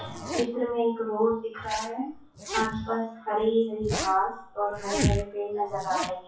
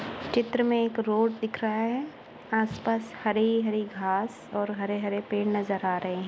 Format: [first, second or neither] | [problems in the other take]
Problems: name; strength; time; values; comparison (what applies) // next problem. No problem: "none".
second | noise reduction (classical method WPE with log-MMSE)